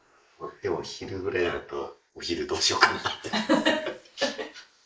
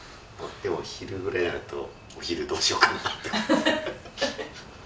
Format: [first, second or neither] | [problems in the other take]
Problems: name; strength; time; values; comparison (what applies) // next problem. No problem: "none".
second | noise reduction (neural mask model Resemble Enhance denoiser)